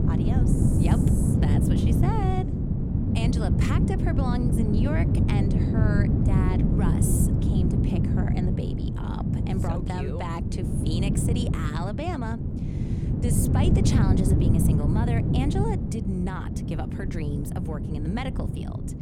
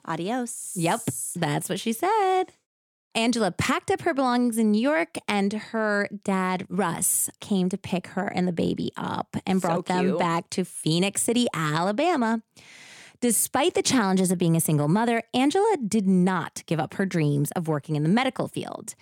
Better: second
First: wind noise on the microphone; heavy; 1 dB above the speech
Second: none

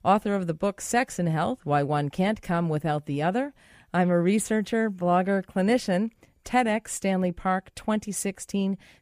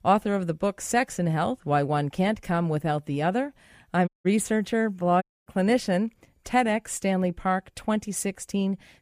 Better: first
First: none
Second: audio cutting out; at 4 s and at 5 s

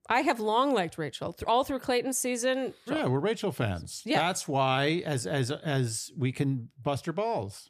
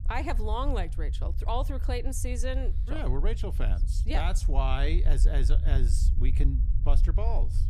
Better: first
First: none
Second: low rumble; noticeable; throughout; 15 dB below the speech

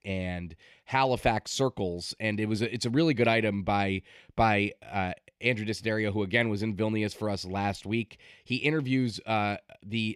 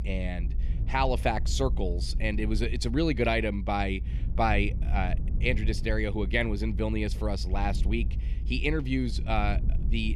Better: first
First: none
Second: low rumble; noticeable; throughout; 20 dB below the speech

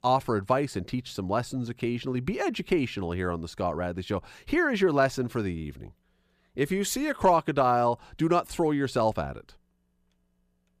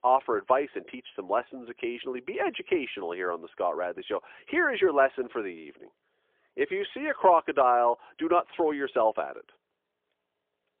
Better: first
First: none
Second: phone-call audio; poor line; nothing above 3.5 kHz

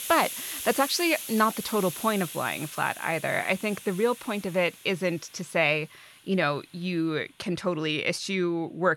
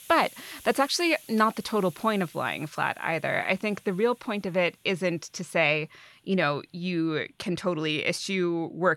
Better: second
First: hiss; loud; throughout; 9 dB below the speech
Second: hiss; faint; throughout; 20 dB below the speech

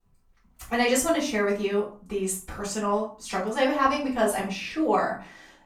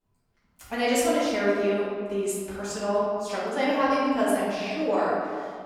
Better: first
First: room echo; slight; dies away in 0.3 s // off-mic speech; far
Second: room echo; strong; dies away in 1.8 s // off-mic speech; far

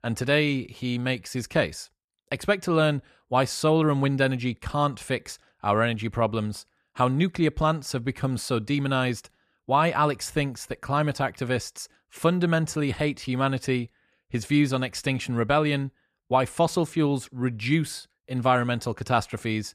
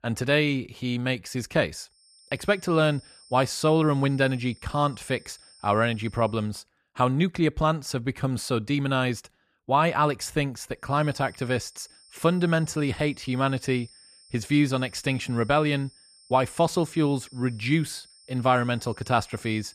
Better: first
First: none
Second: high-pitched whine; faint; from 2 to 6.5 s and from 11 s on; 5.5 kHz, 25 dB below the speech

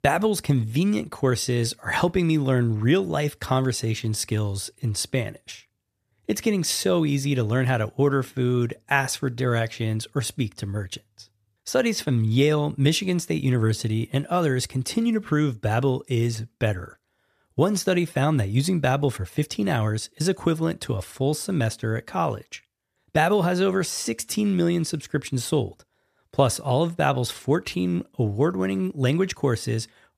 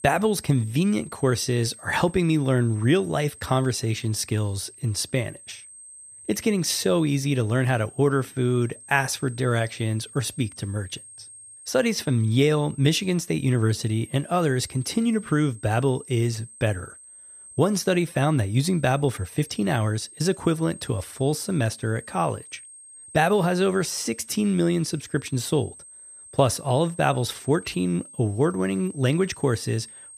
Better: first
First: none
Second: high-pitched whine; noticeable; throughout; 8.5 kHz, 20 dB below the speech

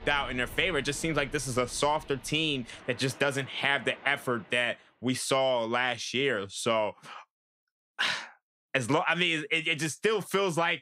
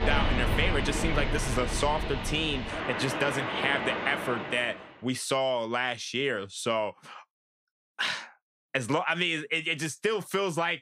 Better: first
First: rain or running water; faint; until 4.5 s; 20 dB below the speech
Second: rain or running water; loud; until 4.5 s; 2 dB below the speech

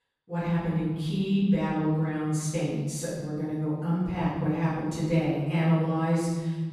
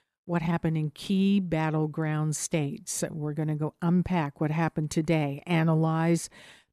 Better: second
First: room echo; strong; dies away in 1.3 s // off-mic speech; far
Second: none

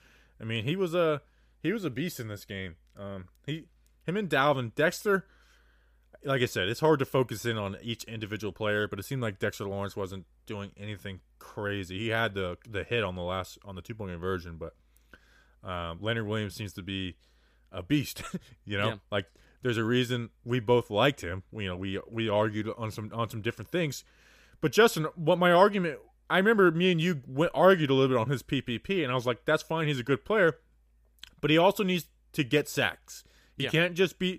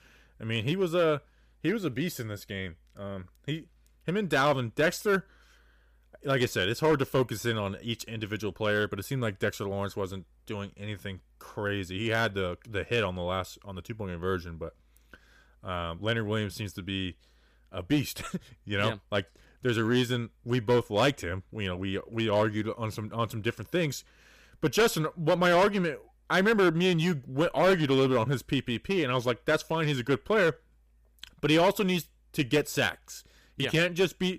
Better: first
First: none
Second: distortion; slight; 3% of the sound clipped

